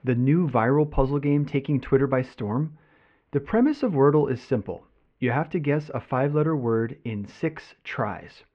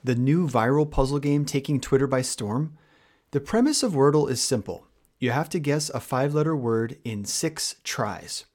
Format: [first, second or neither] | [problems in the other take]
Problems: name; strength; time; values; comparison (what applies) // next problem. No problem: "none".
second | muffled; very; fading above 2.5 kHz